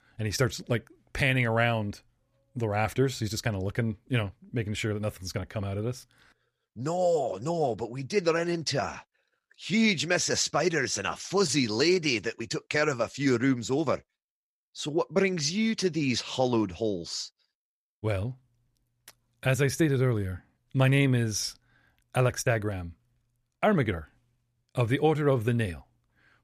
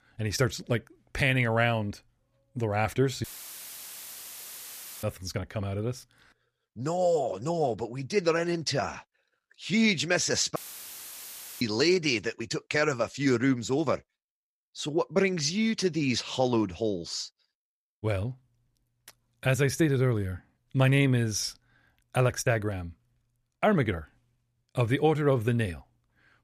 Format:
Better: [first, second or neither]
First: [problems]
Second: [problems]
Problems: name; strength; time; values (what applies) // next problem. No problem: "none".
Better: first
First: none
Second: audio cutting out; filled with static; at 3 s for 2 s and at 11 s for 1 s